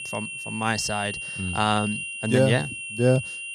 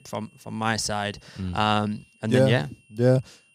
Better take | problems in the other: second | high-pitched whine; loud; throughout; 3 kHz, 6 dB below the speech; faint in the second

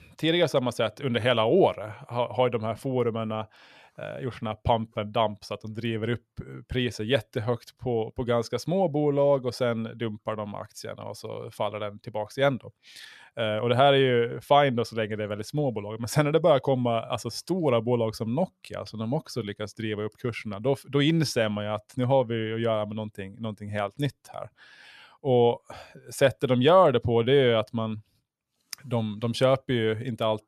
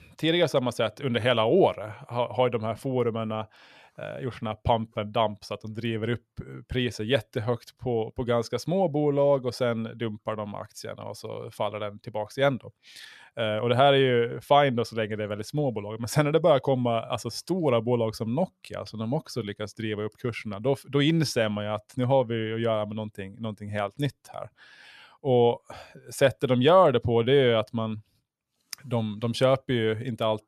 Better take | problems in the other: neither | none

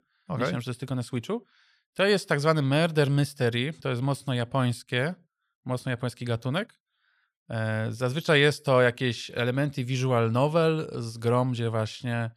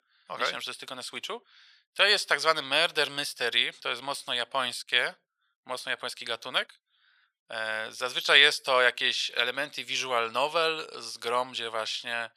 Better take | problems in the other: first | thin; very; fading below 750 Hz

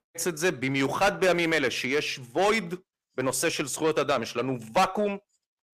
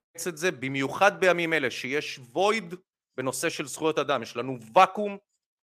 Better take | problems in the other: second | distortion; heavy; 6 dB below the speech

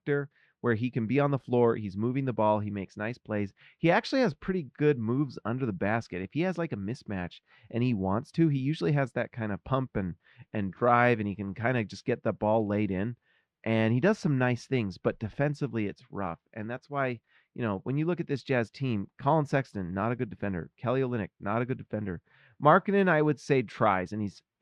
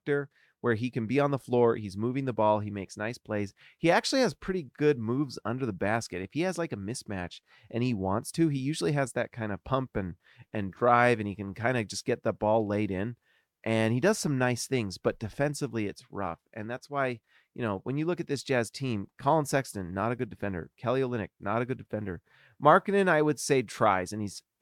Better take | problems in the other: second | muffled; slightly; fading above 3 kHz

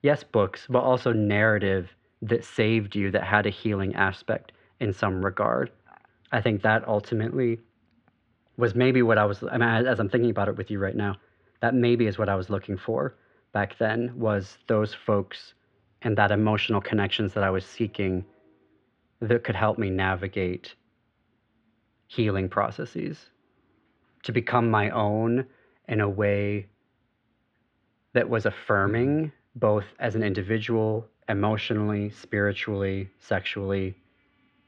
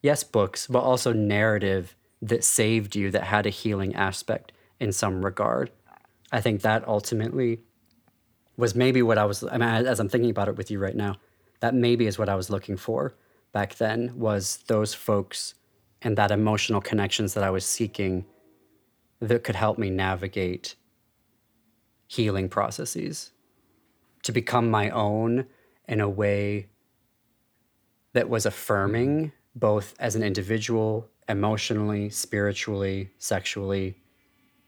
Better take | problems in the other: second | muffled; very; fading above 3 kHz

